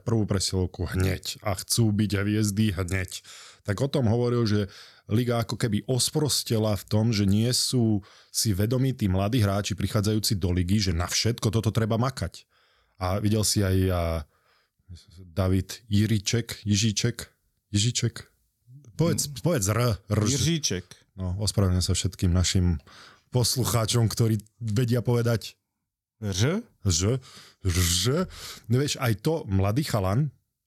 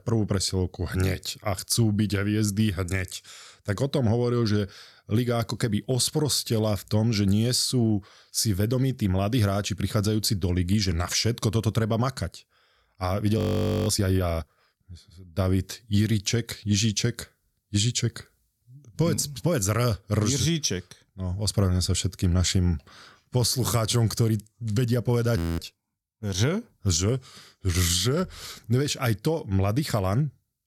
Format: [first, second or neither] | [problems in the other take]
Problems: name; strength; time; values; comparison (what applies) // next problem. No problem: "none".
first | audio freezing; at 13 s and at 25 s